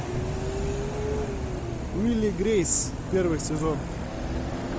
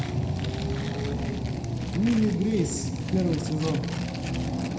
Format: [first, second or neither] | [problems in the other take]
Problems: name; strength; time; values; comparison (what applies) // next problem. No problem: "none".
first | background sound (Tearing); 16 dB below the speech // room echo; dies away in 0.7 s